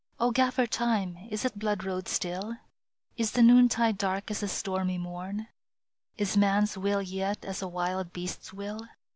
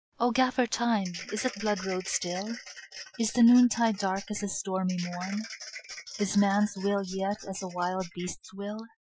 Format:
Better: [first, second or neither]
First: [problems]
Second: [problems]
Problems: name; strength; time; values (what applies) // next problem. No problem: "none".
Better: first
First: none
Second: noise reduction (classical method Wiener filter)